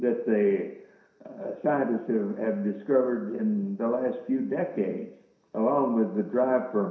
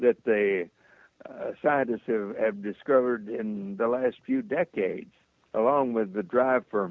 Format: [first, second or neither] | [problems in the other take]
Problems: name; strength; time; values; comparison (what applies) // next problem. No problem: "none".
second | room echo; dies away in 0.7 s